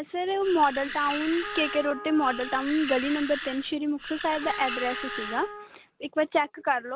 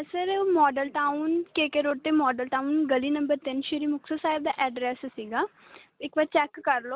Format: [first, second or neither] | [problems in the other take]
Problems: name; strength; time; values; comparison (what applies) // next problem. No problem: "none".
second | background sound (Animal + Trumpet); 9 dB below the speech